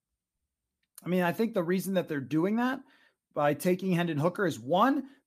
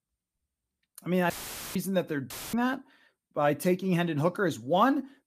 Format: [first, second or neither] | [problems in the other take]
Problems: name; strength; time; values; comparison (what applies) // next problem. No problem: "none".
first | audio cutting out; filled with static; at 1.5 s and at 2.5 s